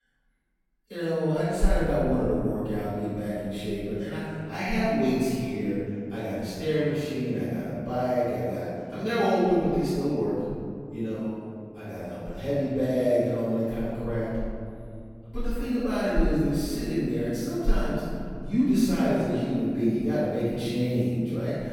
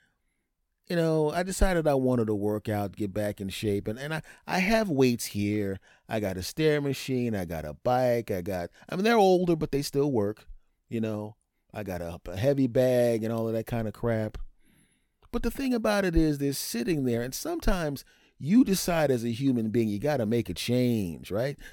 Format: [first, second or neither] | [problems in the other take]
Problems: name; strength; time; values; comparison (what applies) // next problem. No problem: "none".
second | off-mic speech; far // room echo; strong; dies away in 2.4 s